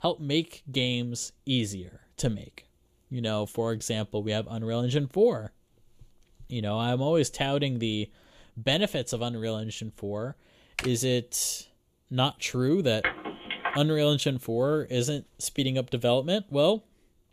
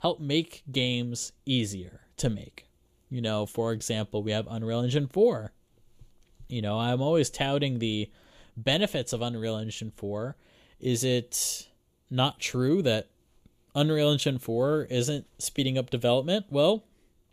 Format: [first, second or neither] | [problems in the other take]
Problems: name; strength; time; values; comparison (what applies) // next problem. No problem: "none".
second | keyboard typing; noticeable; at 11 s; peak 8 dB below the speech // phone ringing; noticeable; at 13 s; peak 2 dB below the speech